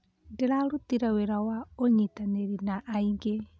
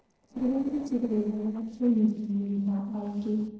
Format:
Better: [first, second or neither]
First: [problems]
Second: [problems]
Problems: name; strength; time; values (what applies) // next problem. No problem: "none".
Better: first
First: none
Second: noise reduction (neural separator model SepFormer DNS4)